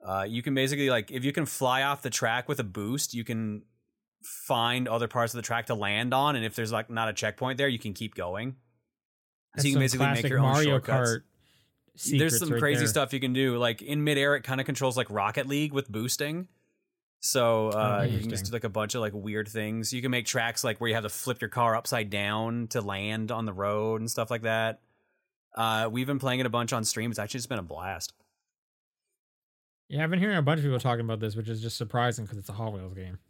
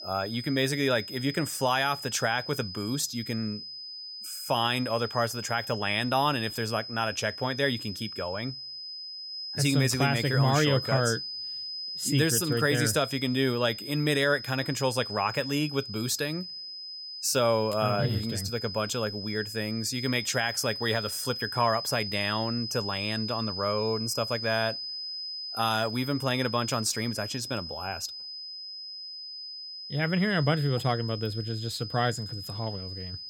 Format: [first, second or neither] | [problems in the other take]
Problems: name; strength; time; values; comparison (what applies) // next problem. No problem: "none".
first | high-pitched whine; loud; throughout; 5 kHz, 7 dB below the speech